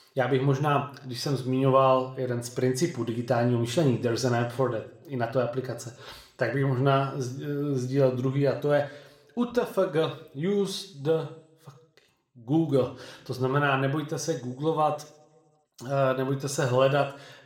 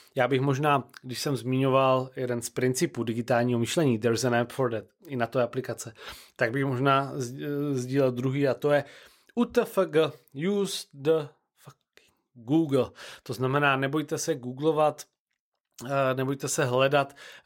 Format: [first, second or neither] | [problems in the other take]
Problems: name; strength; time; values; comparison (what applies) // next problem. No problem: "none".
second | room echo; slight; dies away in 0.5 s